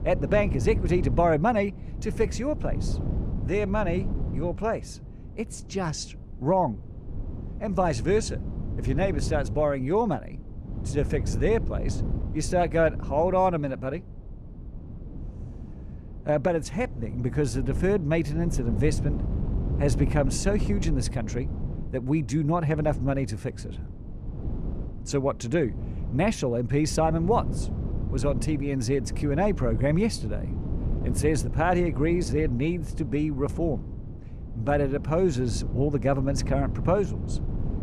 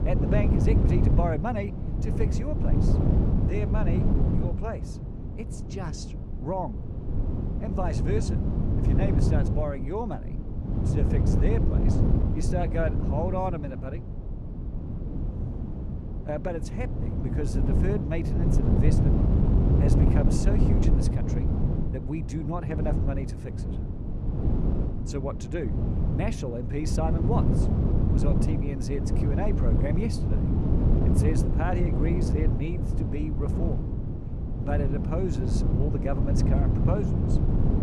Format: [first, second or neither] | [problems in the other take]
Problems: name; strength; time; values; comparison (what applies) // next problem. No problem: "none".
first | wind noise on the microphone; heavy; 1 dB below the speech; occasional gusts in the first